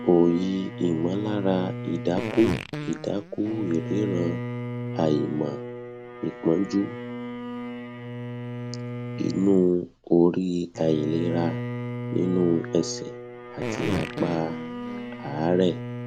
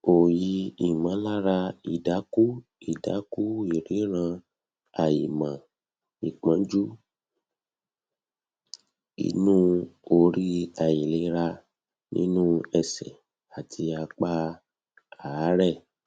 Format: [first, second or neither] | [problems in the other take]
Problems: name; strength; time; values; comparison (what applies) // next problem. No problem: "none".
second | background sound (Bowed string instrument + Fart); 7 dB below the speech